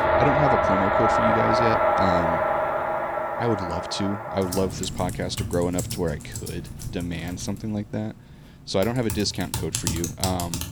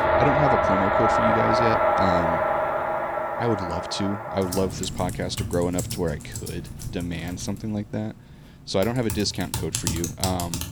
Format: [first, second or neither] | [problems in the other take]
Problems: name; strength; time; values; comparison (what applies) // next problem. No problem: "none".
neither | household noises; very loud; throughout; 3 dB above the speech; the same in both